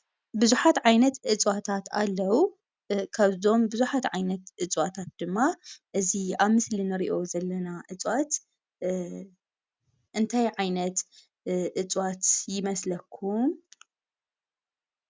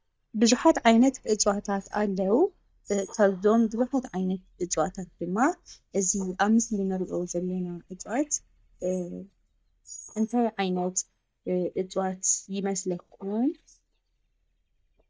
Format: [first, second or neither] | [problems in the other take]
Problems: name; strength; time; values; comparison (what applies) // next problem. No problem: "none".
first | noise reduction (neural mask model DeepFilterNet 3)